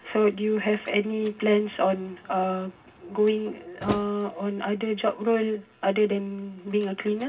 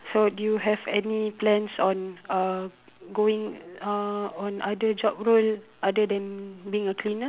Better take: second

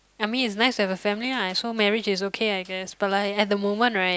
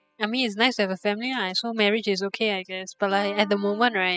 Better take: first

